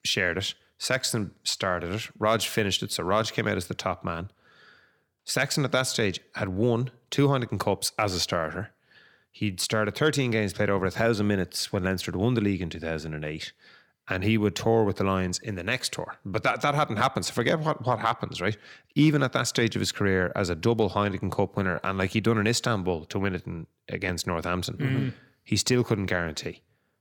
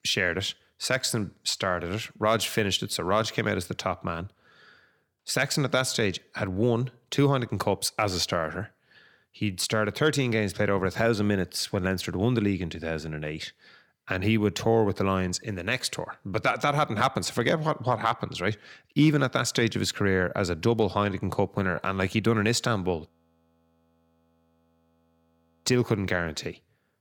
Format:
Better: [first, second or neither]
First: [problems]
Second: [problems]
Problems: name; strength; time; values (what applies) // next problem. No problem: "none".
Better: first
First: none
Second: audio freezing; at 23 s for 2.5 s